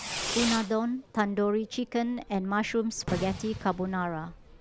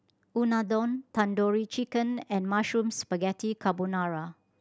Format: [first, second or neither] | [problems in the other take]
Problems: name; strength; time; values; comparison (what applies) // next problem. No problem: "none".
second | background sound (Fireworks); 9 dB below the speech